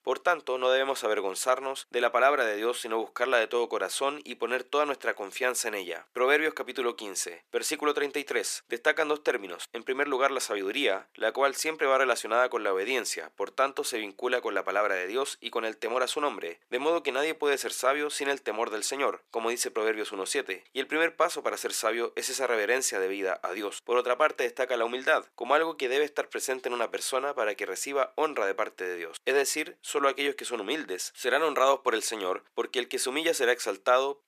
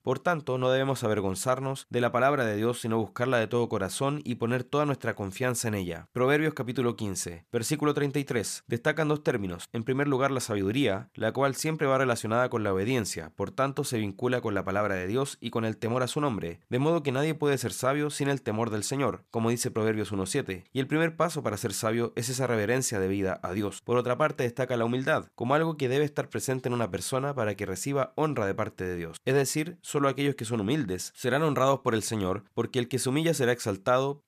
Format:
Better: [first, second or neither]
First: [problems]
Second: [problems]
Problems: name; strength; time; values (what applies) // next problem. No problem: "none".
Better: second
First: thin; very; fading below 350 Hz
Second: none